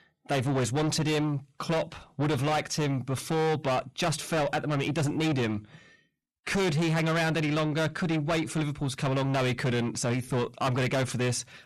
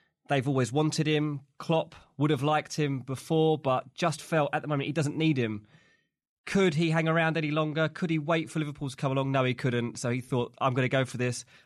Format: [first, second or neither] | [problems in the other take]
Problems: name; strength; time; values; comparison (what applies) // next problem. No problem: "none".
second | distortion; heavy; 7 dB below the speech